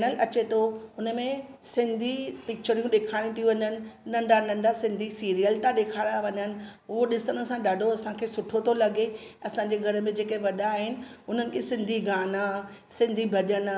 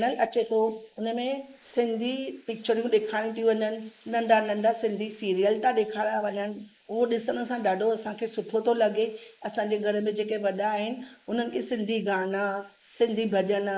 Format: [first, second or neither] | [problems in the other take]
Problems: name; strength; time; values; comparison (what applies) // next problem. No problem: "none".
first | noise reduction (neural mask model Resemble Enhance denoiser)